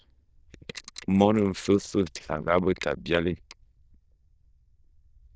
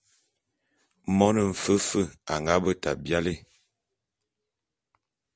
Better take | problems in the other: second | noise reduction (neural diffusion model UNIVERSE++)

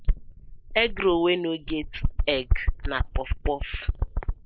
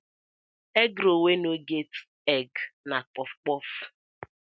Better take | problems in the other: second | noise reduction (neural mask model Resemble Enhance denoiser)

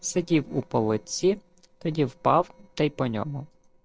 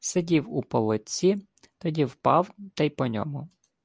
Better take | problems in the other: second | noise reduction (neural separator model SepFormer DNS4)

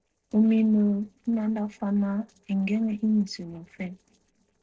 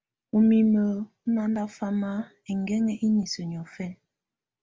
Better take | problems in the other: second | noise reduction (neural separator model SepFormer DNS4)

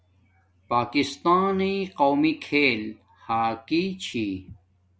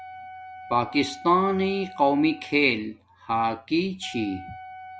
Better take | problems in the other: first | background sound (Wind instrument, woodwind instrument); 17 dB below the speech

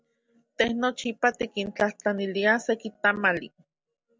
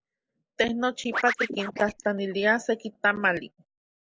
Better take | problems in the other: first | noise reduction (neural mask model Resemble Enhance denoiser)

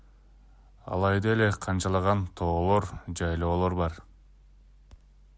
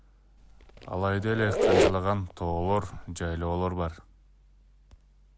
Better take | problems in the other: first | background sound (Squeak); 1 dB above the speech

